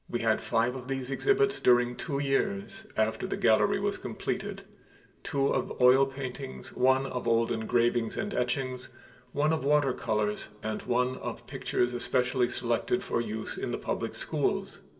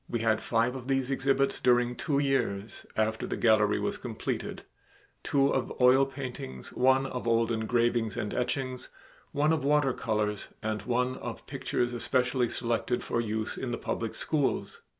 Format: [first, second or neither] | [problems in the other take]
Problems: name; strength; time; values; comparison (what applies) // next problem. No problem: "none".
second | room echo; dies away in 1.9 s